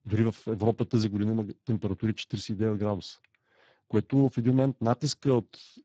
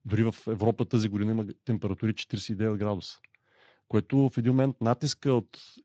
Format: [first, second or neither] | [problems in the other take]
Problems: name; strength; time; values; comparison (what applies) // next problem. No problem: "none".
second | garbled, watery; badly; nothing above 7.5 kHz; slightly in the second